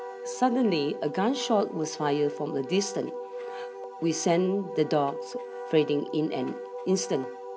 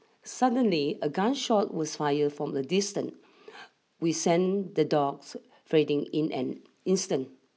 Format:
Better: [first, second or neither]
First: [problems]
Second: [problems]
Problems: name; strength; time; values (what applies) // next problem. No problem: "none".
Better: second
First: background sound (Wind instrument, woodwind instrument); 10 dB below the speech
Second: none